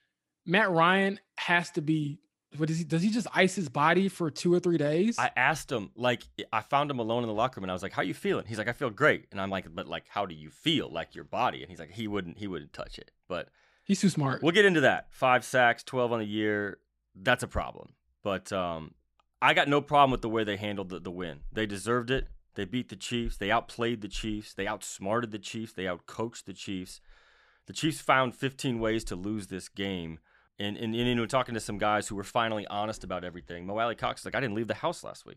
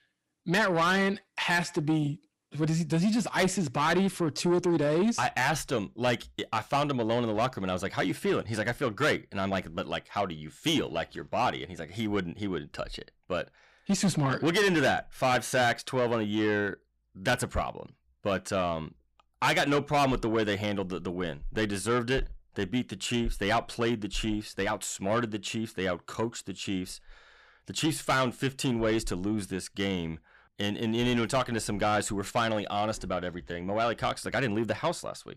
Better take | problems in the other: first | distortion; heavy; 7 dB below the speech

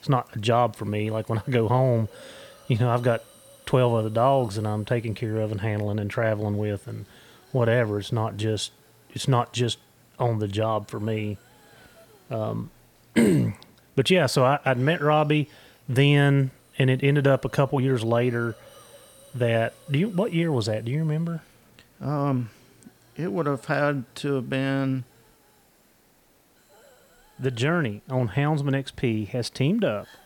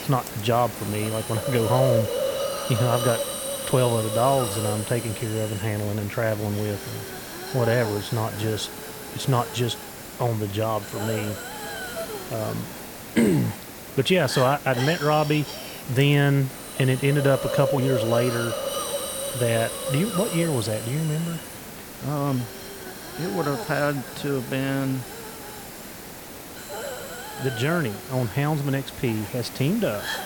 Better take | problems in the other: first | hiss; loud; throughout; 7 dB below the speech; faint in the first

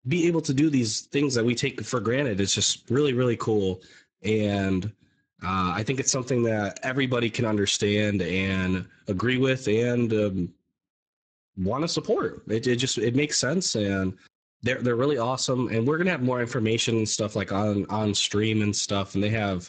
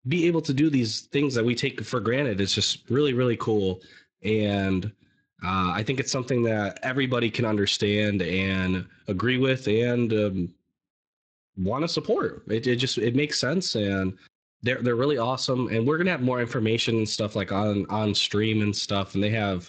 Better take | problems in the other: second | garbled, watery; badly; nothing above 7.5 kHz; slightly in the second

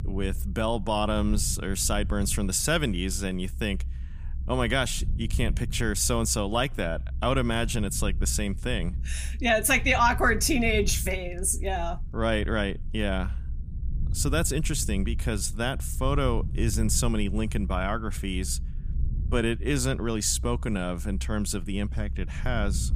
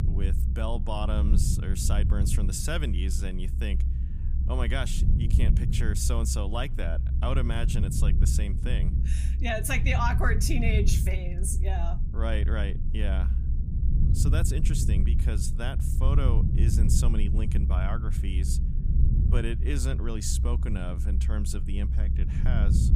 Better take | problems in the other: first | low rumble; loud; throughout; 8 dB below the speech; faint in the first

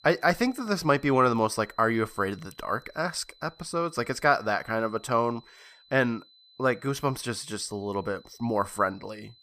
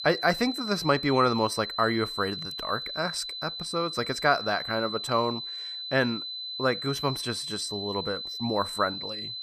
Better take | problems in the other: first | high-pitched whine; loud; throughout; 4 kHz, 5 dB below the speech; faint in the first

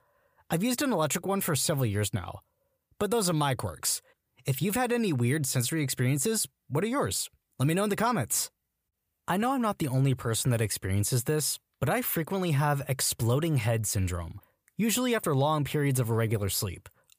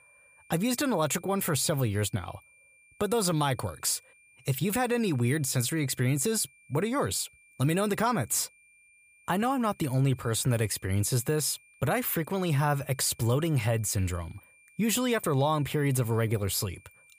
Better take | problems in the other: first | high-pitched whine; faint; throughout; 2.5 kHz, 30 dB below the speech

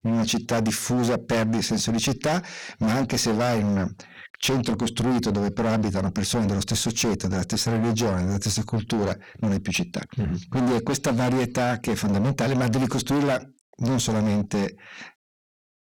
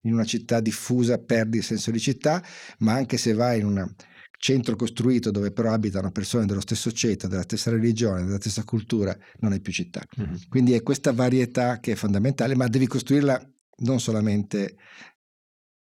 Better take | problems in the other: second | distortion; heavy; 23% of the sound clipped

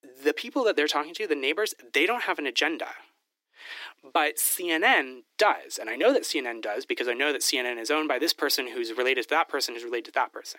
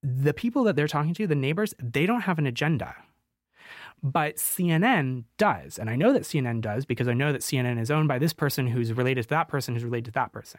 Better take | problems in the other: second | thin; very; fading below 300 Hz

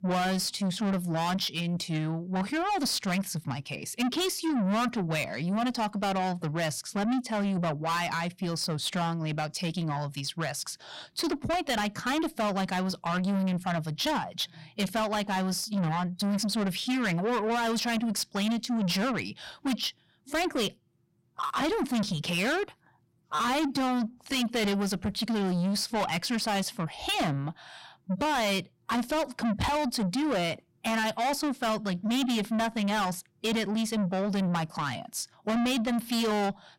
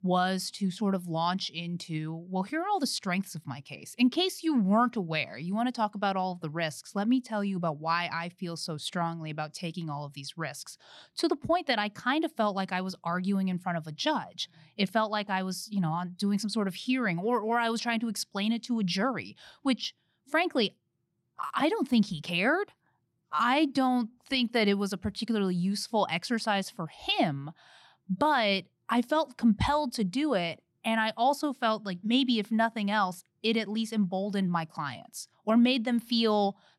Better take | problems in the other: second | distortion; heavy; 6 dB below the speech

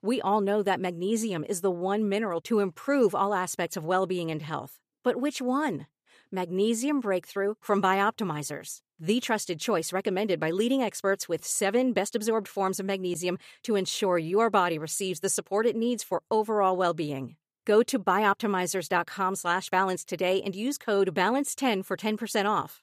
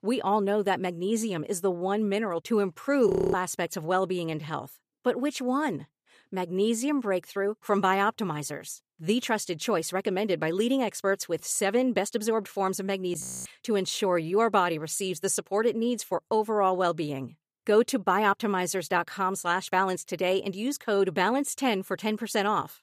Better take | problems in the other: first | audio freezing; at 3 s and at 13 s

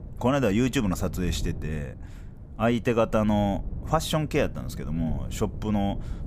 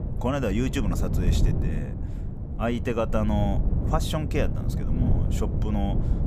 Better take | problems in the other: first | wind noise on the microphone; heavy; 8 dB below the speech; occasional gusts in the first

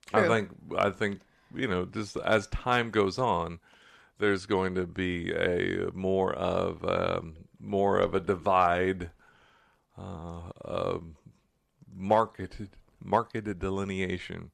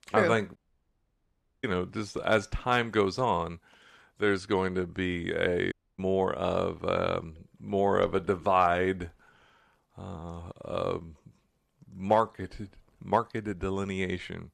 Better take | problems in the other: first | audio cutting out; at 0.5 s for 1 s and at 5.5 s

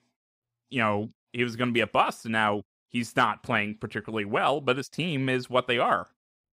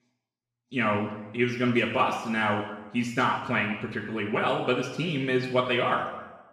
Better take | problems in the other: first | room echo; noticeable; dies away in 1 s // off-mic speech; far

